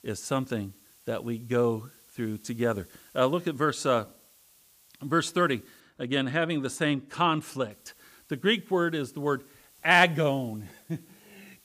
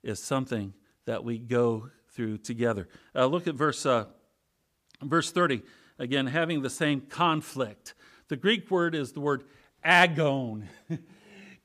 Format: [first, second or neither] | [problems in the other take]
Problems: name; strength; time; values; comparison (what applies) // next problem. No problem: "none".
second | hiss; faint; until 6 s and from 7.5 s on; 30 dB below the speech